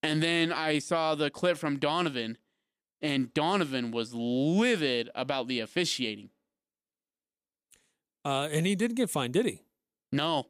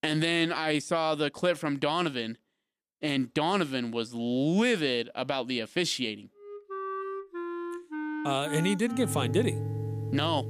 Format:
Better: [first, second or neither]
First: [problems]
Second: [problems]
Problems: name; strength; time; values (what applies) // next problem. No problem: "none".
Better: first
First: none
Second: background music; loud; from 6.5 s on; 7 dB below the speech